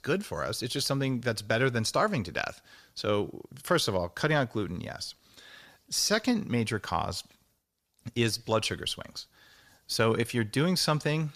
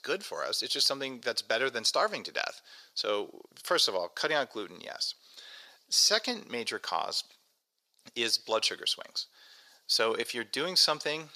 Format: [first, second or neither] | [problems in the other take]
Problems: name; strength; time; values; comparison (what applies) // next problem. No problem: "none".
first | thin; somewhat; fading below 500 Hz